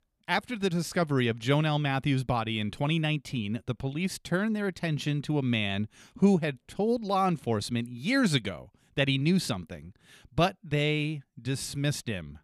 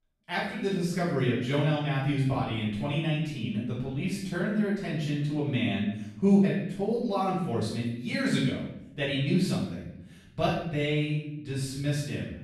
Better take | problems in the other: first | room echo; noticeable; dies away in 0.8 s // off-mic speech; far

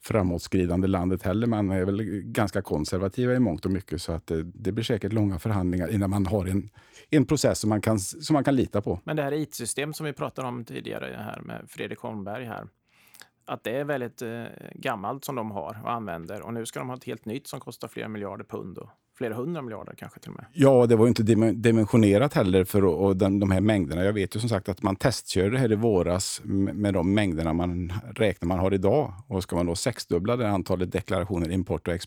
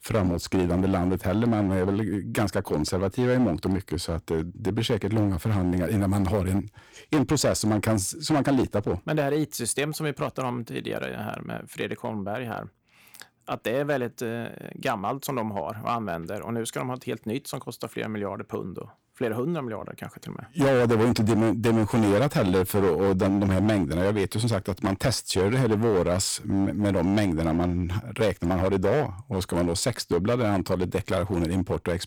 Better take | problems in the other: first | distortion; heavy; 9% of the sound clipped

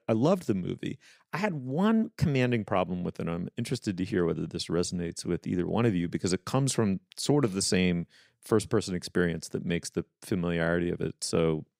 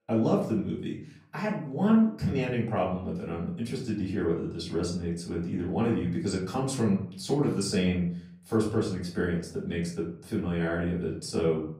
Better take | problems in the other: first | off-mic speech; far // room echo; slight; dies away in 0.5 s

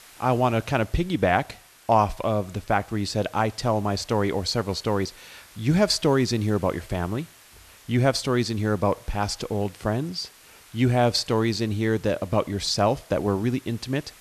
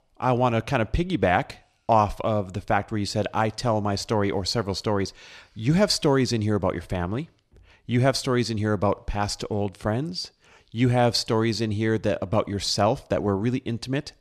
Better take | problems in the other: second | hiss; faint; throughout; 25 dB below the speech

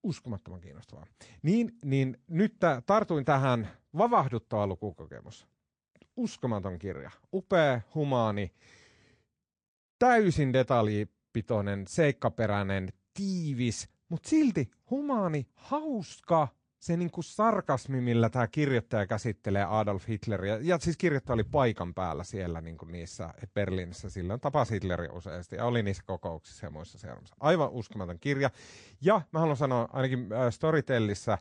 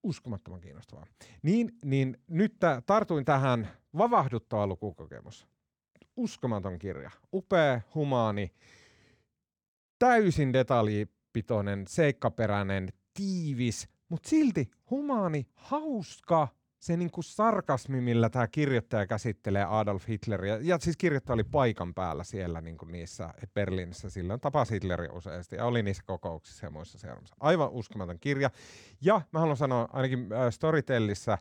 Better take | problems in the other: second | garbled, watery; slightly; nothing above 9 kHz

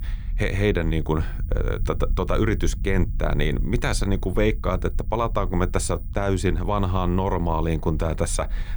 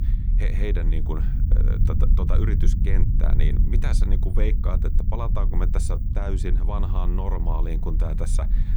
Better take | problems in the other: first | low rumble; loud; throughout; 6 dB below the speech; faint in the first

